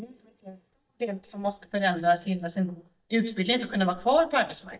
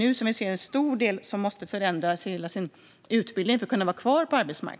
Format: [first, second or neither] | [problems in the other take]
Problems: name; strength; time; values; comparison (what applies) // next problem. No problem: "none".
second | noise reduction (neural mask model DeepFilterNet 3)